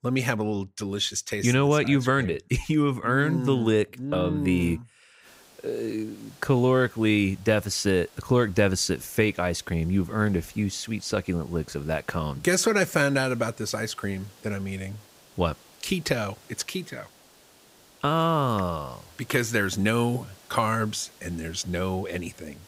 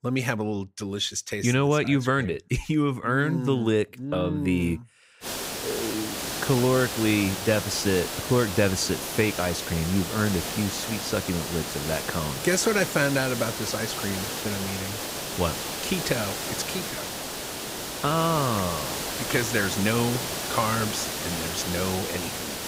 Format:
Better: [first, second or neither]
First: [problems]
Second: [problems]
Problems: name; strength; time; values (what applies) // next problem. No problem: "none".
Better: first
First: hiss; faint; from 5.5 s on; 25 dB below the speech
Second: hiss; loud; from 5.5 s on; 4 dB below the speech